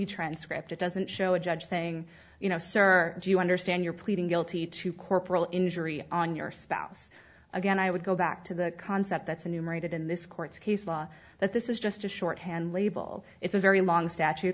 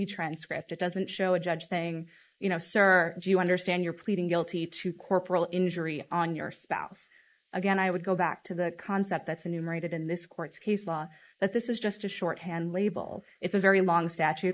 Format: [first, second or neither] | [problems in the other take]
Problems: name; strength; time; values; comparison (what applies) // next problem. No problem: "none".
first | noise reduction (neural mask model Resemble Enhance denoiser)